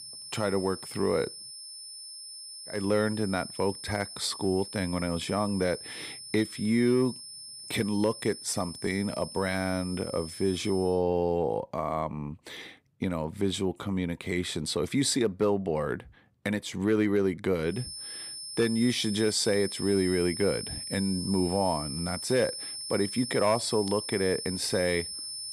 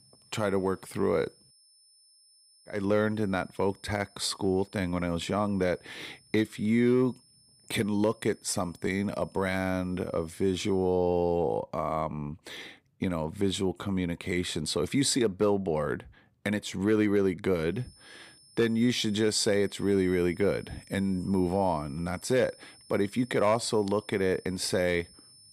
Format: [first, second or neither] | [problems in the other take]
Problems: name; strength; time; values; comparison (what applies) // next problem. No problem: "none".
second | high-pitched whine; loud; until 11 s and from 18 s on; 5.5 kHz, 9 dB below the speech; faint in the second